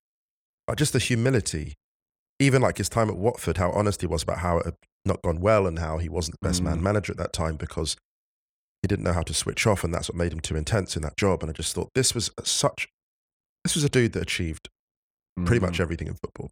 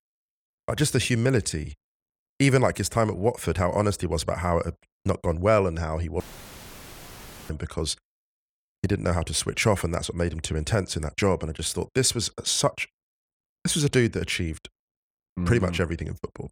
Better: first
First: none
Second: audio cutting out; filled with static; at 6 s for 1.5 s

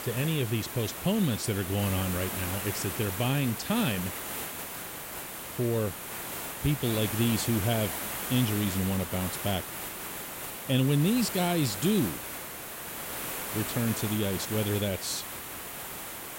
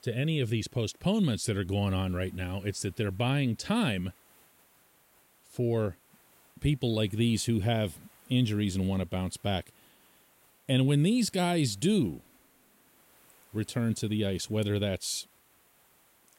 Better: second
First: hiss; loud; throughout; 5 dB below the speech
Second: hiss; faint; throughout; 30 dB below the speech

